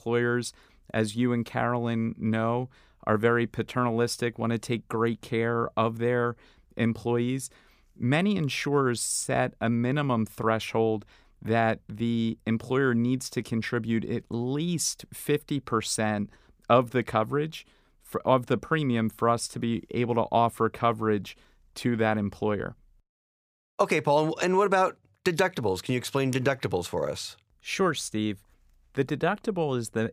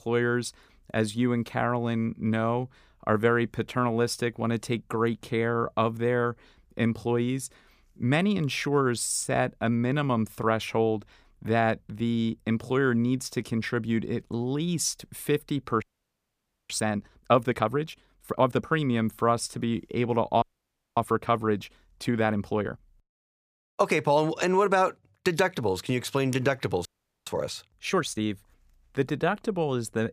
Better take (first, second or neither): first